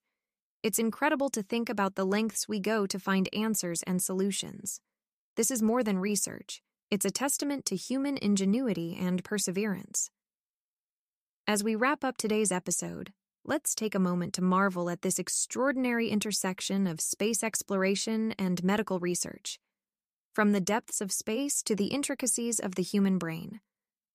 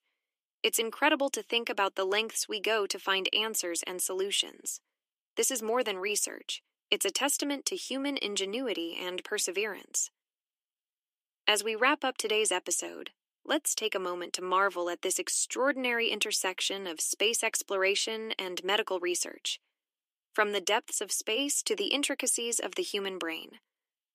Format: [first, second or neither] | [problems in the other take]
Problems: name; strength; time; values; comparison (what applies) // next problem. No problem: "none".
first | thin; somewhat; fading below 300 Hz